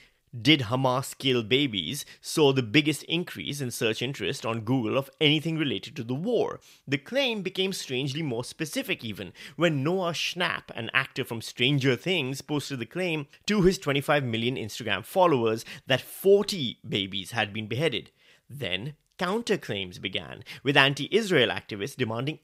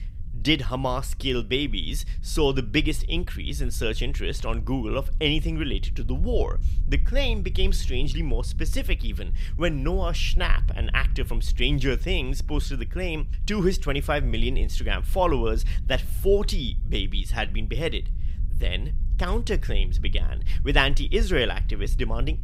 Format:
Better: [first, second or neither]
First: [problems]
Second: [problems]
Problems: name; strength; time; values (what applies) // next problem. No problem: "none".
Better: first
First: none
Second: low rumble; faint; throughout; 20 dB below the speech